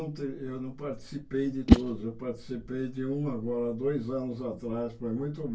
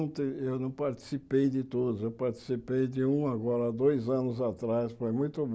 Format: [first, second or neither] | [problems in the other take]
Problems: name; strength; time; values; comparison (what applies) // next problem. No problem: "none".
second | background sound (Whoosh, swoosh, swish); 4 dB above the speech // room echo; dies away in 0.1 s